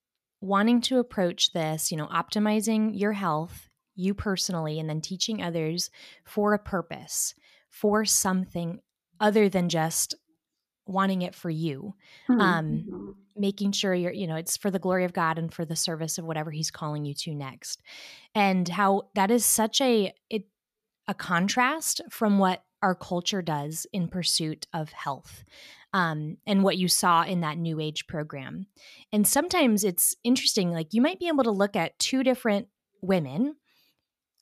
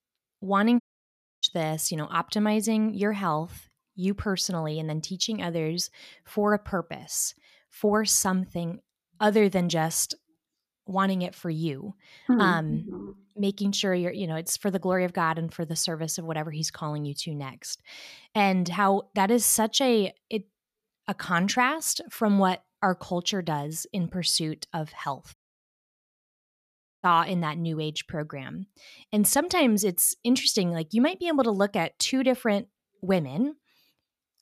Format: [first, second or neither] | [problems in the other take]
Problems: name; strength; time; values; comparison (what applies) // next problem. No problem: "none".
first | audio cutting out; at 1 s for 0.5 s and at 25 s for 1.5 s